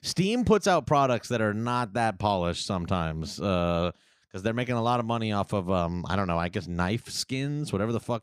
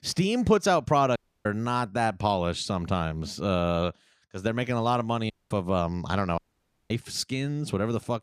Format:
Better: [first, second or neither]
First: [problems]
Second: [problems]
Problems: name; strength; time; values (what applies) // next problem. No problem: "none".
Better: first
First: none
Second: audio cutting out; at 1 s, at 5.5 s and at 6.5 s for 0.5 s